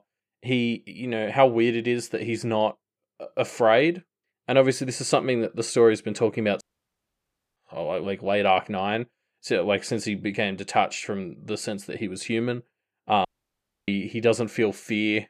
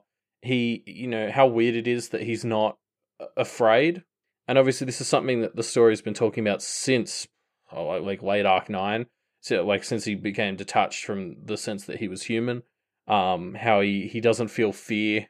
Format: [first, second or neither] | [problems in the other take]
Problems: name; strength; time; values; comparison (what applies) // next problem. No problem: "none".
second | audio cutting out; at 6.5 s for 1 s and at 13 s for 0.5 s